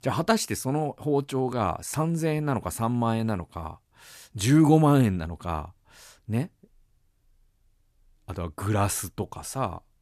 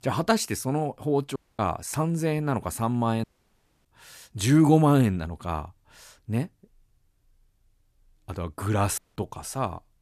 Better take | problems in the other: first | audio cutting out; at 1.5 s, at 3 s for 0.5 s and at 9 s

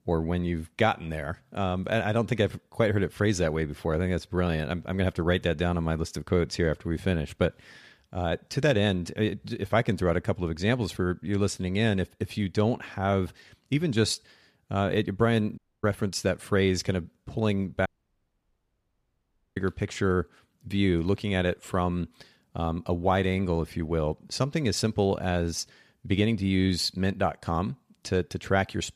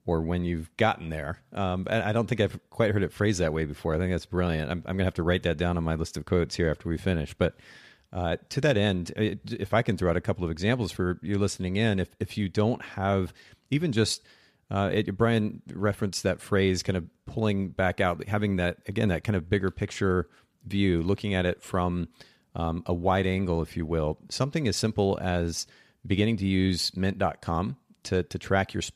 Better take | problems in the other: second | audio cutting out; at 16 s and at 18 s for 1.5 s

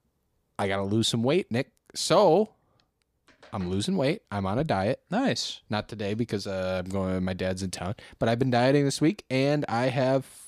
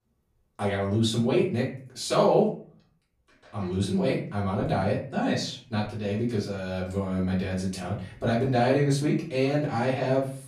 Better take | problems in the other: first | off-mic speech; far // room echo; slight; dies away in 0.4 s

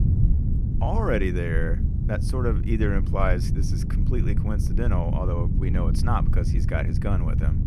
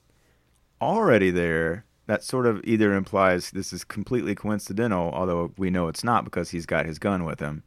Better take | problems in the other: second | wind noise on the microphone; heavy; 7 dB below the speech

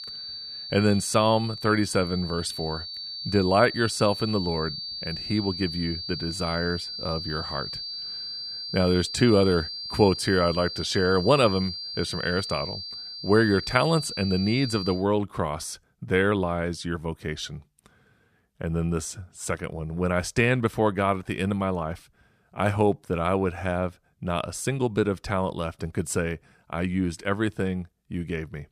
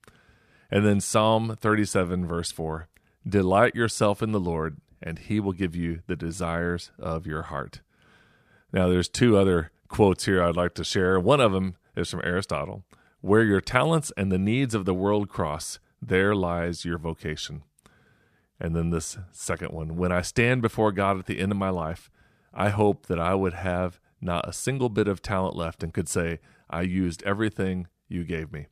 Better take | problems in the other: second | high-pitched whine; loud; until 15 s; 4.5 kHz, 7 dB below the speech

